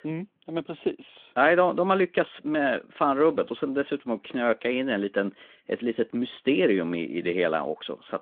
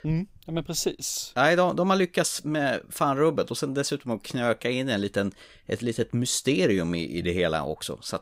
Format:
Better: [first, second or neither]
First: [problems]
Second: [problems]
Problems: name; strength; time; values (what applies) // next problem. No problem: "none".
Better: second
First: phone-call audio; nothing above 3.5 kHz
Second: none